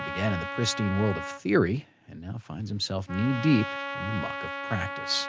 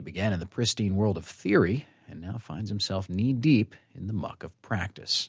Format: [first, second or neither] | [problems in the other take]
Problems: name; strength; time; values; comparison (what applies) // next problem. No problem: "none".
second | background sound (Trumpet); 8 dB below the speech